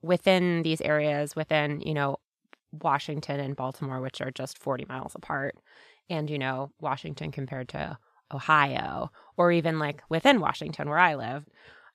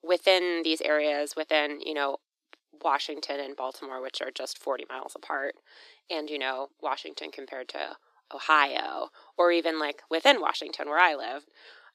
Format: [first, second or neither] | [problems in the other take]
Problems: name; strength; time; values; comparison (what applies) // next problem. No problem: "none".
first | thin; somewhat; fading below 300 Hz